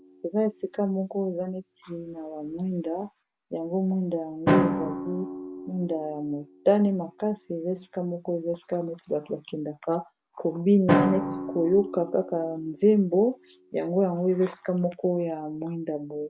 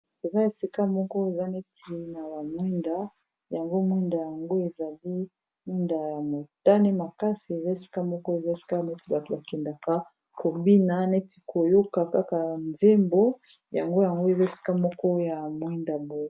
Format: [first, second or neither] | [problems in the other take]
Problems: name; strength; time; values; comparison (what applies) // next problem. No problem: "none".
second | background sound (Drum); 7 dB below the speech